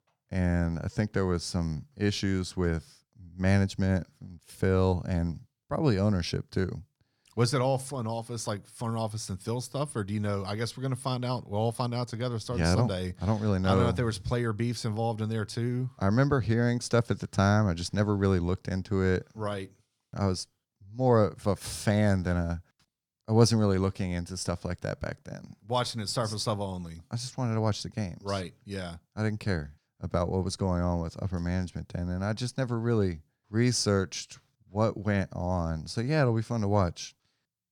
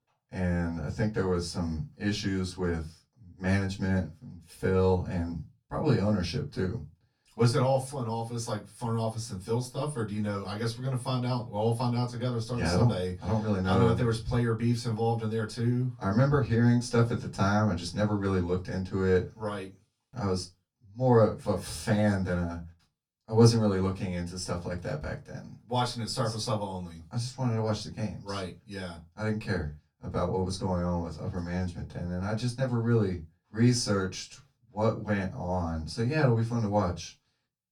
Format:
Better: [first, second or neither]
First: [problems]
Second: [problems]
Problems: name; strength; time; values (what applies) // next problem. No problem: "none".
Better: first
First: none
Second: off-mic speech; far // room echo; very slight; dies away in 0.2 s